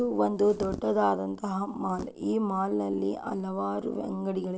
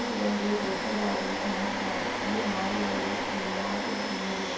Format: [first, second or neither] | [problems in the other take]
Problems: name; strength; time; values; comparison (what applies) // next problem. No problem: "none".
first | background sound (Domestic sounds, home sounds); 1 dB above the speech // room echo; dies away in 0.6 s